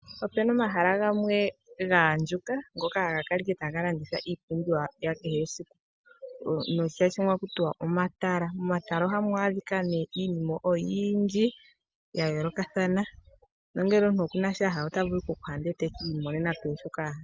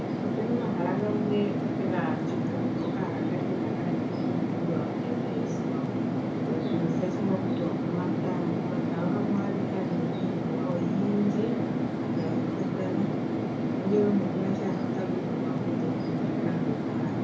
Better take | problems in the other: first | background sound (Fixed-wing aircraft, airplane); 4 dB above the speech // room echo; dies away in 0.7 s

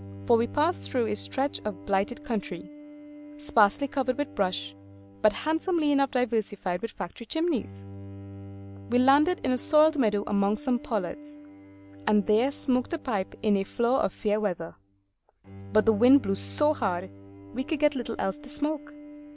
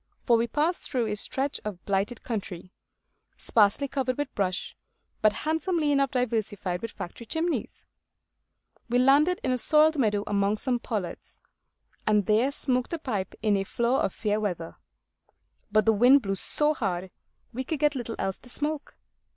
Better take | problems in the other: second | background sound (Bowed string instrument); 17 dB below the speech

